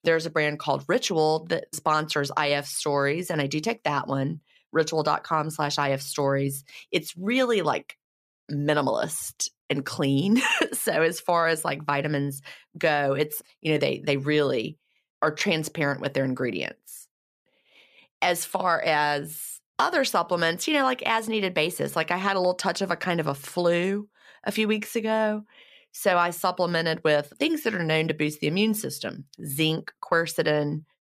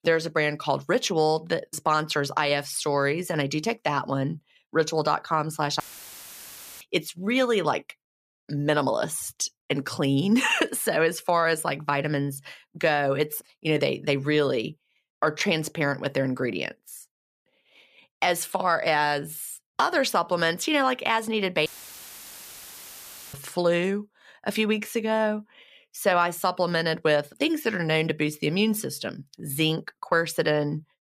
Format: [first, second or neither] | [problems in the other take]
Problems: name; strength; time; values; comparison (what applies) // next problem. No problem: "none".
first | audio cutting out; filled with static; at 6 s for 1 s and at 22 s for 1.5 s